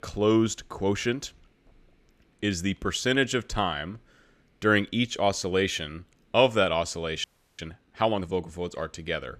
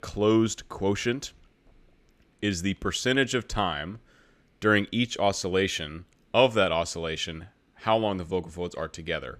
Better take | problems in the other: second | audio freezing; at 7 s

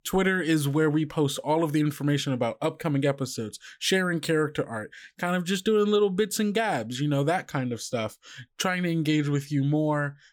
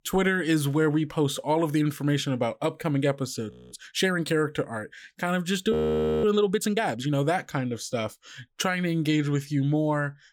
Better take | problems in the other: first | audio freezing; at 3.5 s and at 5.5 s for 0.5 s

